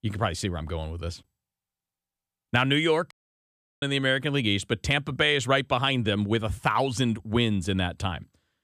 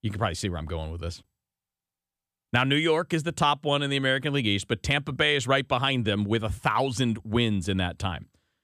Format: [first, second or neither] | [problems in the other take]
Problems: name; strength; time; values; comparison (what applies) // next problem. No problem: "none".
second | audio cutting out; at 3 s for 0.5 s